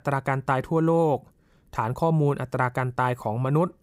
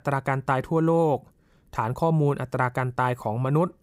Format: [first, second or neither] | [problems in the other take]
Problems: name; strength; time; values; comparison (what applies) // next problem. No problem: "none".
neither | none